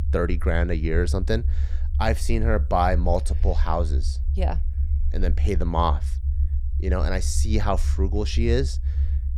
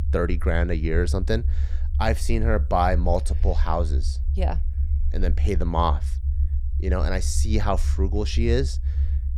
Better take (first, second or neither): neither